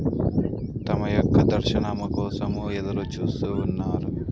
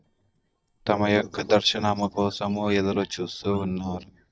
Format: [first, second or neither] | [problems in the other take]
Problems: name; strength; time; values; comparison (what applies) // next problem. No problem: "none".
first | noise reduction (neural mask model DeepFilterNet 3)